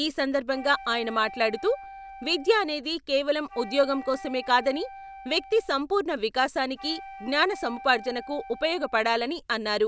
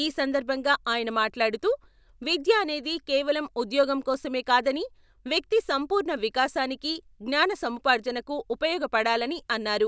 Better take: second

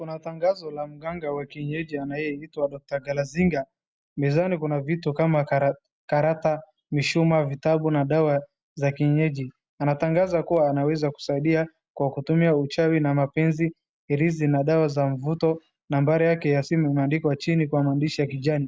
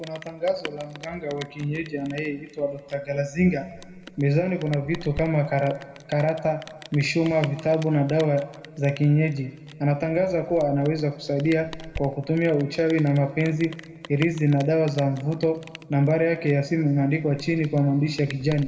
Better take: first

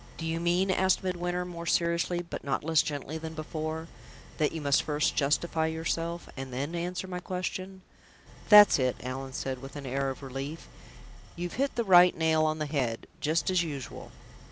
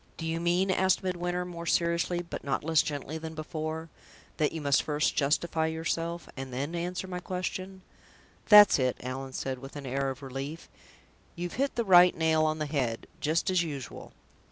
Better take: second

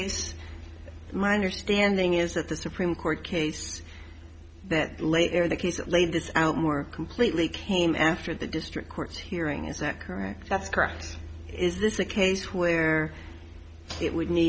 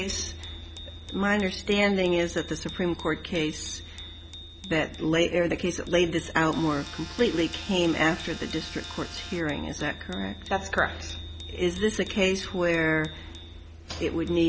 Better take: first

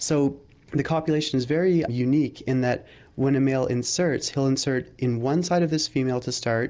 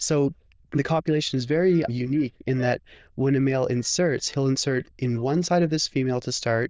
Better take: first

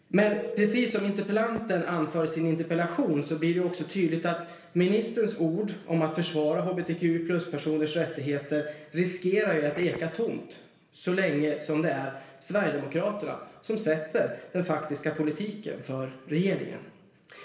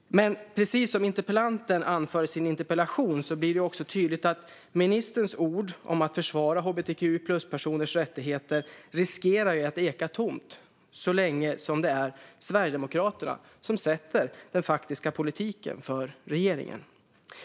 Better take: second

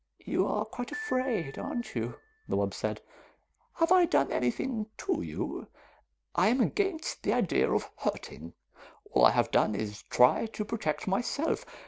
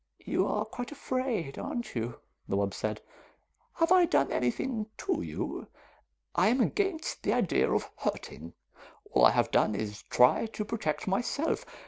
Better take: second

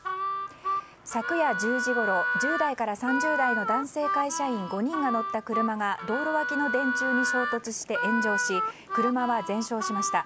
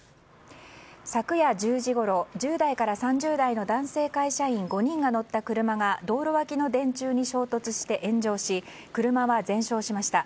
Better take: second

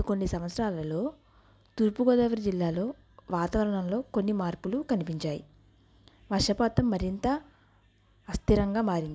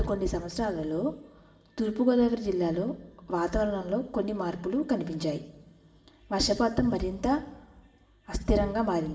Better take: first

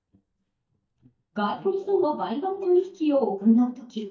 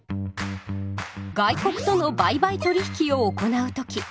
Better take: second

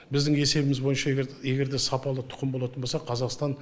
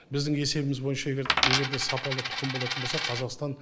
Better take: first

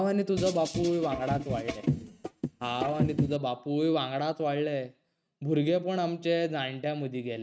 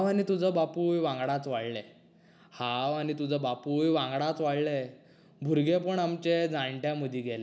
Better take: second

